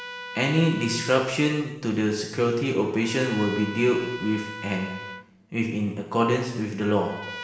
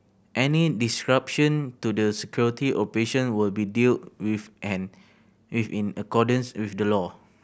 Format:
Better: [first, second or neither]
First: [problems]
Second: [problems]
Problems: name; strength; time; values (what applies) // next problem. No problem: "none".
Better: second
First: background sound (Trumpet); 15 dB below the speech // room echo; dies away in 0.9 s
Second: none